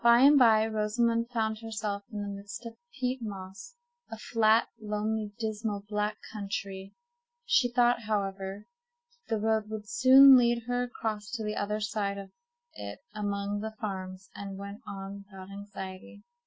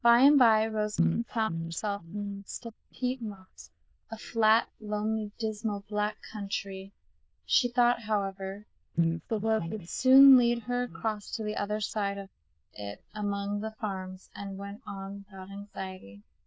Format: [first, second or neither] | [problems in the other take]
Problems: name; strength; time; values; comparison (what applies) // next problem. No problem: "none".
first | noise reduction (neural diffusion model UNIVERSE++)